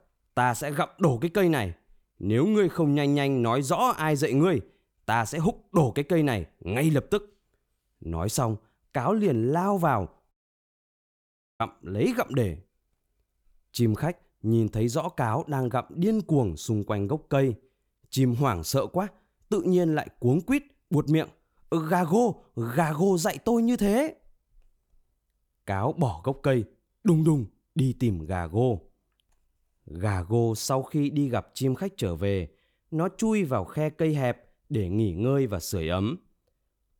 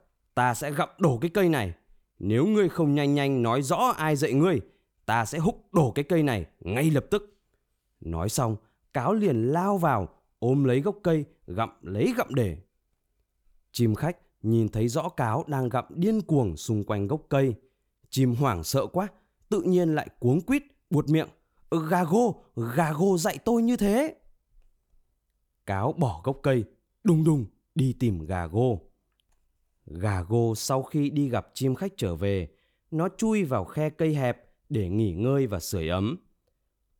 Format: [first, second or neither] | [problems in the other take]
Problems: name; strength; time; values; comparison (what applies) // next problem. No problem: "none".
second | audio cutting out; at 10 s for 1.5 s